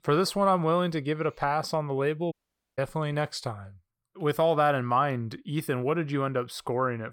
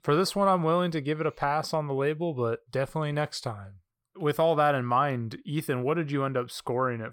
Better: second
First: audio cutting out; at 2.5 s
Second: none

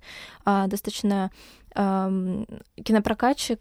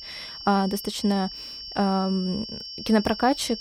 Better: first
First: none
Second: high-pitched whine; noticeable; throughout; 5.5 kHz, 10 dB below the speech

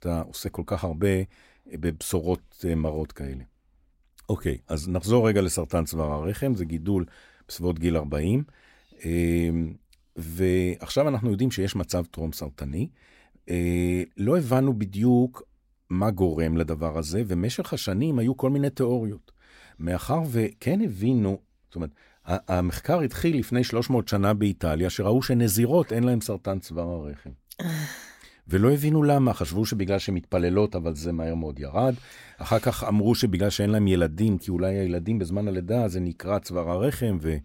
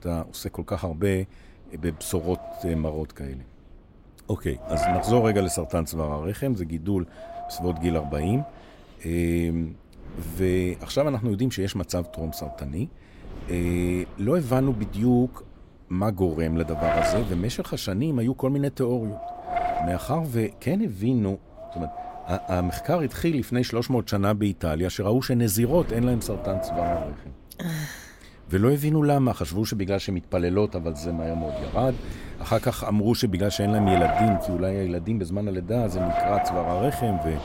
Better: first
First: none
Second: wind noise on the microphone; heavy; as loud as the speech

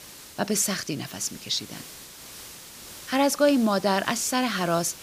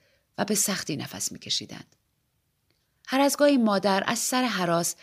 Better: second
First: hiss; noticeable; throughout; 15 dB below the speech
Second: none

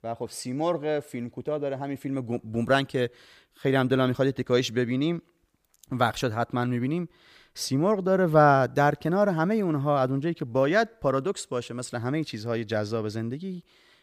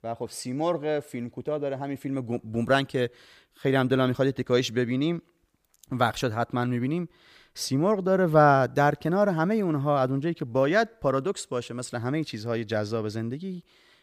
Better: neither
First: none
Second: none

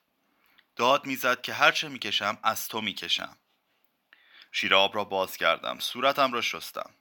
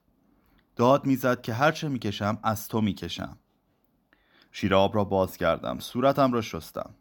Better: second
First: thin; somewhat; fading below 1 kHz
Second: none

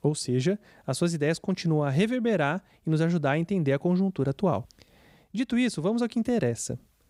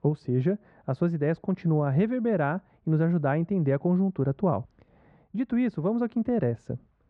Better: first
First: none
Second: muffled; very; fading above 1.5 kHz

